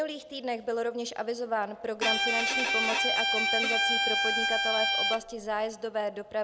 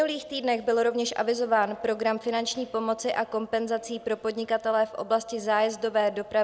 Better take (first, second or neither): second